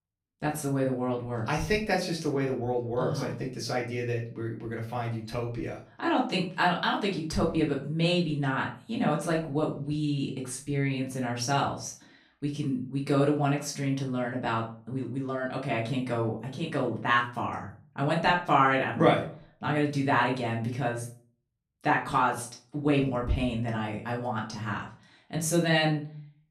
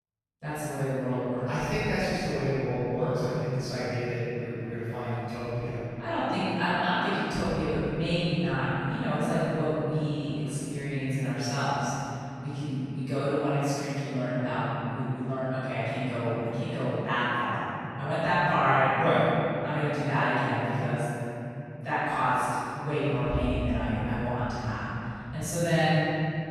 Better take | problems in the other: first | room echo; strong; dies away in 3 s; slight in the first // off-mic speech; far; far in the first

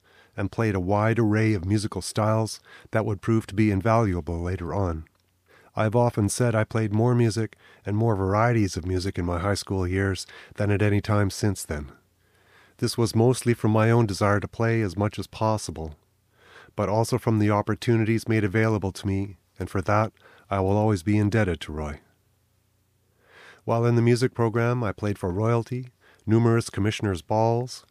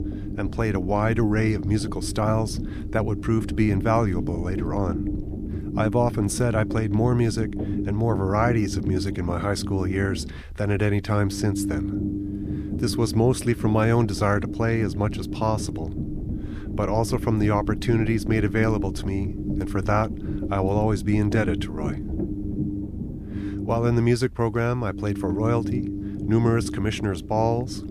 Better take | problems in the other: first | low rumble; loud; throughout; 9 dB below the speech

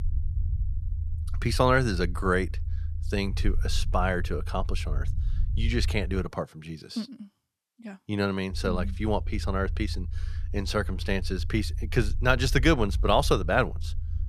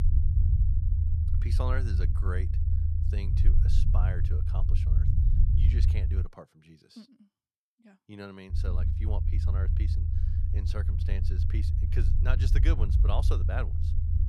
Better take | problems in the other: first | low rumble; loud; until 6 s and from 8.5 s on; 3 dB below the speech; faint in the first

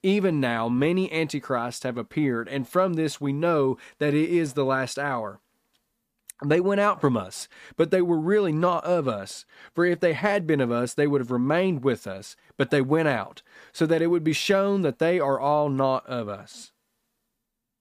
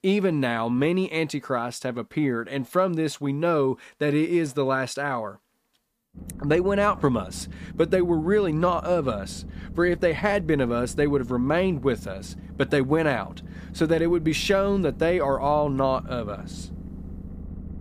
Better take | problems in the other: first | low rumble; faint; from 6 s on; 25 dB below the speech

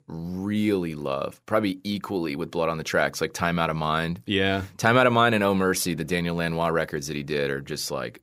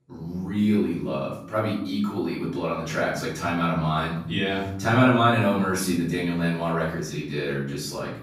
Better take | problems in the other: first | off-mic speech; far // room echo; noticeable; dies away in 0.7 s

